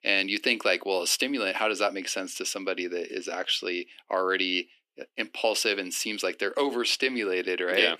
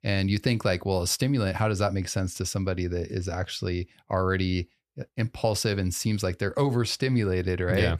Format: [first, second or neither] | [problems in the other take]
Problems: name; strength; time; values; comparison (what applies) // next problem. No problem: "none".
second | thin; somewhat; fading below 250 Hz